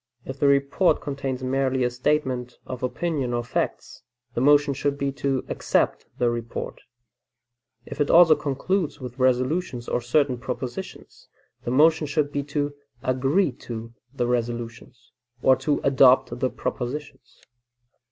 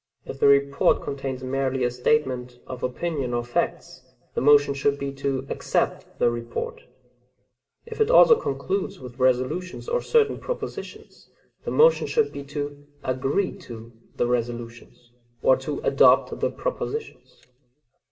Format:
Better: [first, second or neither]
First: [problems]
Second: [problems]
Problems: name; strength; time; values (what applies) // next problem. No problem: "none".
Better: first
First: none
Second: room echo; dies away in 0.8 s